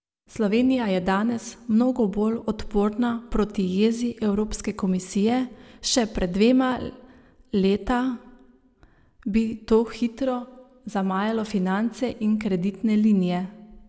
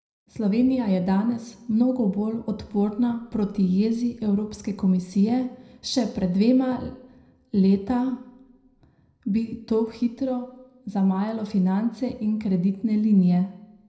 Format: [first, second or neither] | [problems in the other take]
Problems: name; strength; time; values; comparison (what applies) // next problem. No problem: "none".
first | room echo; dies away in 0.5 s